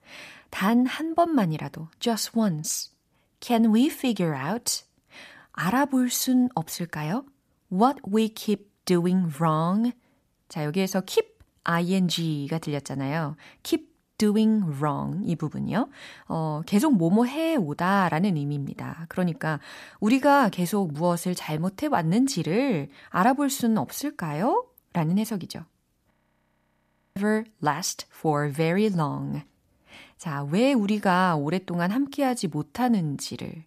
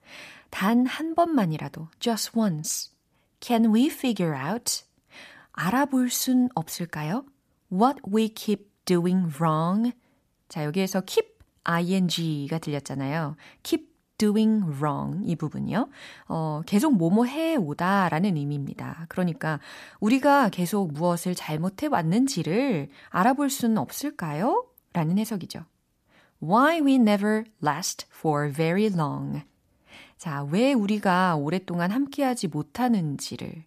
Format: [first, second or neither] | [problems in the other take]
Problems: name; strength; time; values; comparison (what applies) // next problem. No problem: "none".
second | audio freezing; at 26 s for 1 s